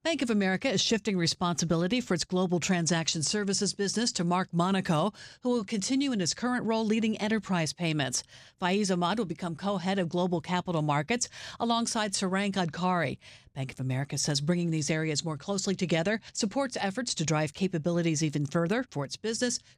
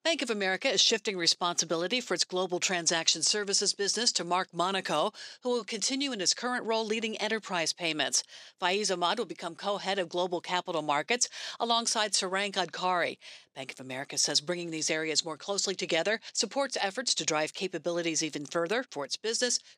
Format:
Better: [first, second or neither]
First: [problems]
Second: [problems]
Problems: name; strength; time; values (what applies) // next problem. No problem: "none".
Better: first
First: none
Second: thin; somewhat; fading below 400 Hz